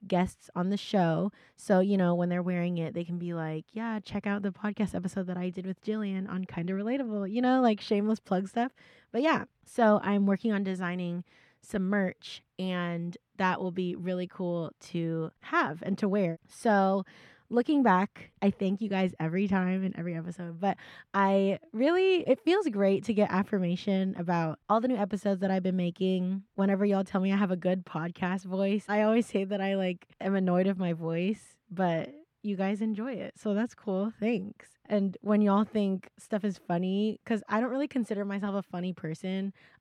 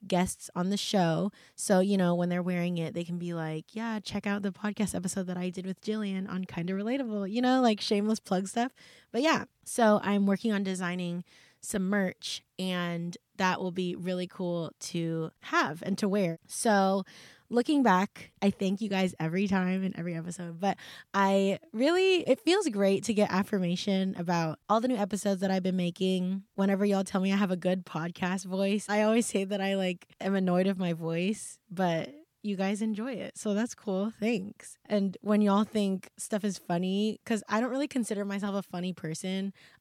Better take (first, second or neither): second